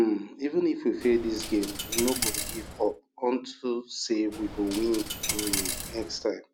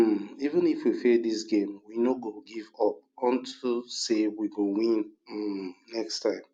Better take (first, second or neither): second